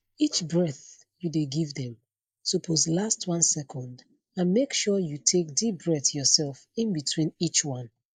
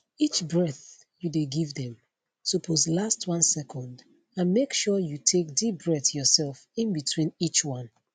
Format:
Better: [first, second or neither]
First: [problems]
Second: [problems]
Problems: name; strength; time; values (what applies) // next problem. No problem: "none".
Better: second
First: noise reduction (neural mask model Resemble Enhance denoiser)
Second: none